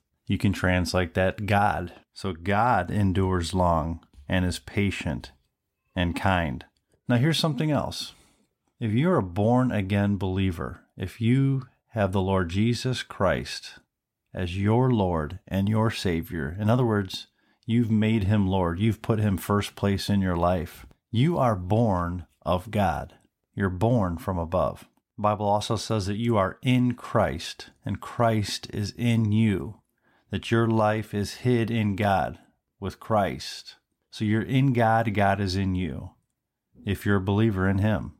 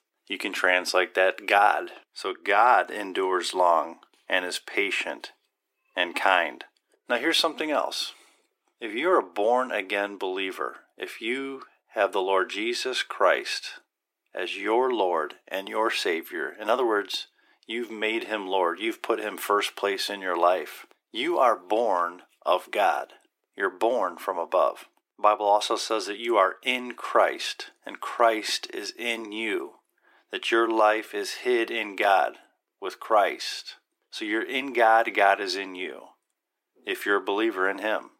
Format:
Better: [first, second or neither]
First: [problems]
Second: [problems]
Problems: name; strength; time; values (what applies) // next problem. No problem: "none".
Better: first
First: none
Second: thin; very; fading below 350 Hz